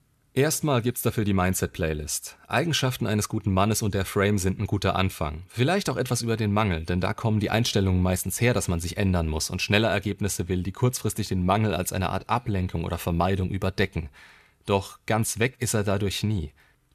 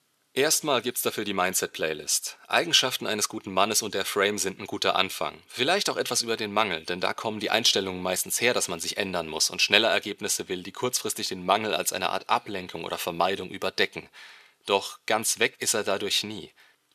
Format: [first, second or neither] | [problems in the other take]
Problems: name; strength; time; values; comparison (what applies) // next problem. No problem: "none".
first | thin; somewhat; fading below 400 Hz